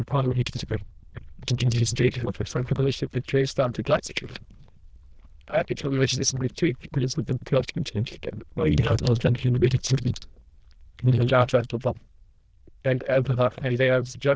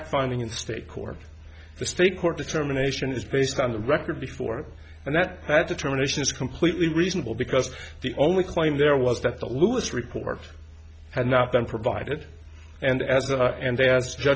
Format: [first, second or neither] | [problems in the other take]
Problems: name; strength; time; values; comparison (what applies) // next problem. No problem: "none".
second | noise reduction (neural diffusion model UNIVERSE++)